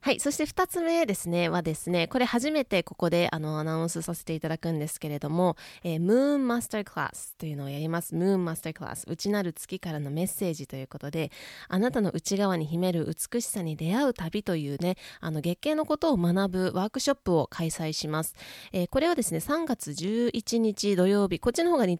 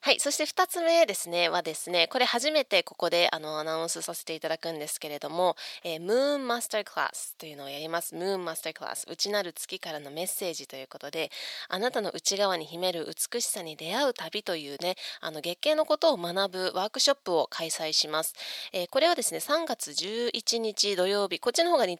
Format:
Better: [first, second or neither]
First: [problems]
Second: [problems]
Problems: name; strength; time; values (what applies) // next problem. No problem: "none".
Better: first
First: none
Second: thin; very; fading below 500 Hz